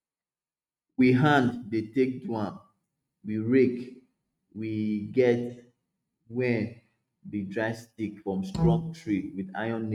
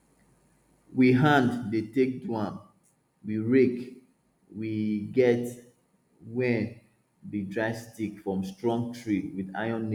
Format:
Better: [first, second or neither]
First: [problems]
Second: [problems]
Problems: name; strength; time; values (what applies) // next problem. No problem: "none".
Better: second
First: noise reduction (neural mask model RNNoise)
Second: none